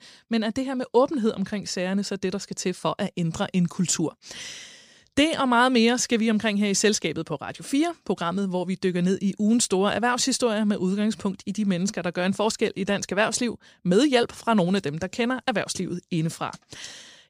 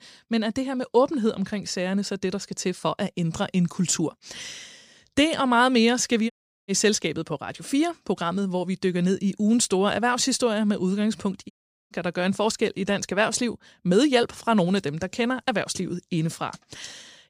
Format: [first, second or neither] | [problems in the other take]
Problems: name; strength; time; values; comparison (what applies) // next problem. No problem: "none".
first | audio cutting out; at 6.5 s and at 12 s